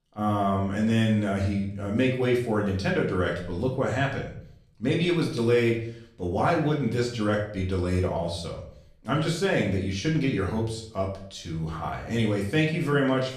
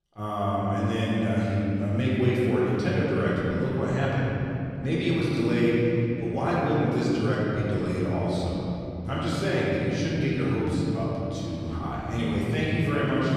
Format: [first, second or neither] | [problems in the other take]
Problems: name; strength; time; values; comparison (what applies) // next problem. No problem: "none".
first | room echo; strong; dies away in 3 s; slight in the first // off-mic speech; far; far in the first